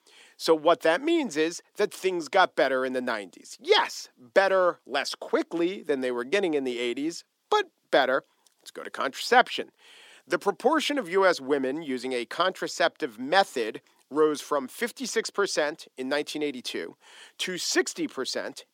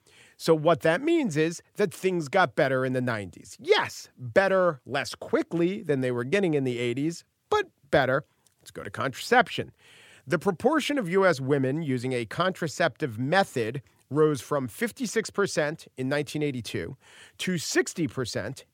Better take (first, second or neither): second